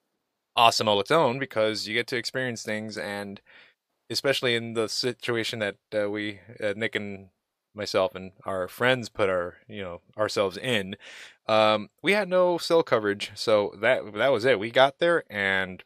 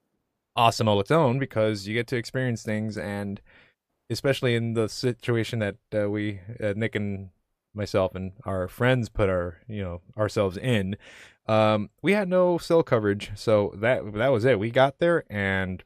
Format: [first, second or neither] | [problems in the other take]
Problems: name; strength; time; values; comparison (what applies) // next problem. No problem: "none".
second | thin; somewhat; fading below 1 kHz